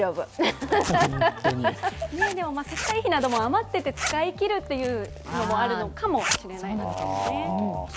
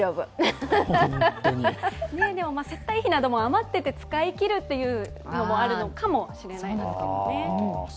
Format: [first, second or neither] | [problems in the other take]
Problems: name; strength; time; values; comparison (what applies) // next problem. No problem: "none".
second | background sound (Zipper (clothing)); 11 dB below the speech